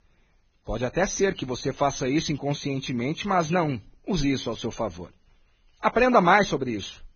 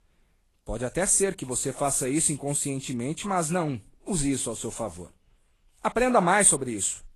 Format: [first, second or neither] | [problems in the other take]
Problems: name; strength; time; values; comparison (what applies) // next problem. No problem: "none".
second | garbled, watery; badly; nothing above 6.5 kHz; slightly in the second